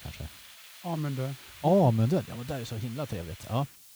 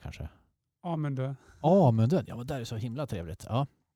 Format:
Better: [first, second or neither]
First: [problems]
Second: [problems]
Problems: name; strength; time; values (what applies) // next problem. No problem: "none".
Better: second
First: hiss; noticeable; throughout; 15 dB below the speech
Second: none